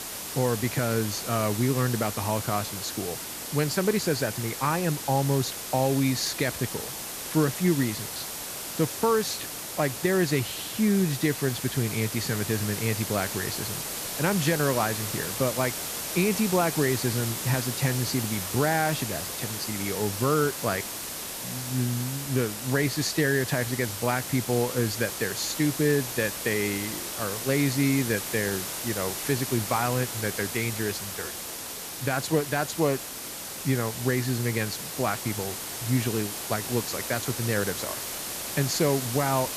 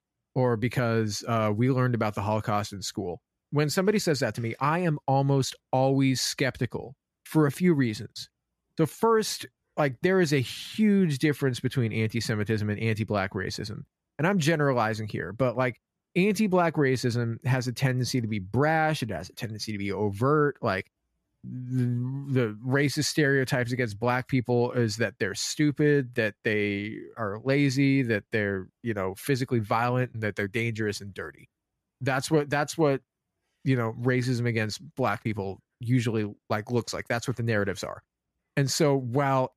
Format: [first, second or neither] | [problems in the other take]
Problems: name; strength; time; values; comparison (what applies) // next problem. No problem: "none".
second | hiss; loud; throughout; 4 dB below the speech